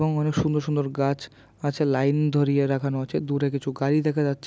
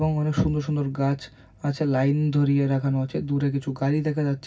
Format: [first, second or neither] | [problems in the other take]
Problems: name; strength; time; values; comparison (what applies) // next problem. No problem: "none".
first | room echo; dies away in 0.4 s